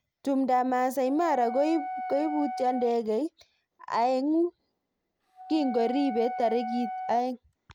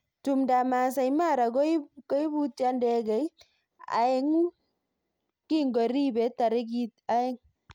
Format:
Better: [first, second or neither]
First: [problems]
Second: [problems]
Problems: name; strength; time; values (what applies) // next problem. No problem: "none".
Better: second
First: background sound (Wind instrument, woodwind instrument); 8 dB below the speech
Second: none